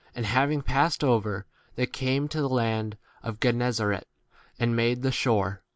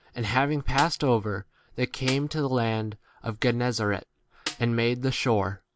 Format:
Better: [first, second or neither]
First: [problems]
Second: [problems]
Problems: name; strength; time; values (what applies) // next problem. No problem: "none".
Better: first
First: none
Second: background sound (Snare drum); 11 dB below the speech